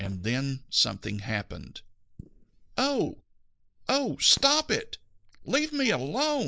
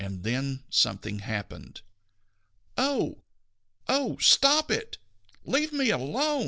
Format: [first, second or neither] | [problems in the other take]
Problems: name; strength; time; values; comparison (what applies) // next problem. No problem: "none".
second | noise reduction (neural mask model Resemble Enhance denoiser)